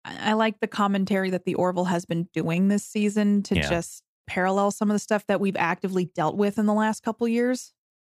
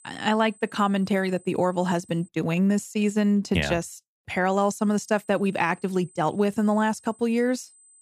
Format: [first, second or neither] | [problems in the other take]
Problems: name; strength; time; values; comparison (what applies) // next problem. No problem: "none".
first | high-pitched whine; faint; until 2.5 s and from 4.5 s on; 8 kHz, 30 dB below the speech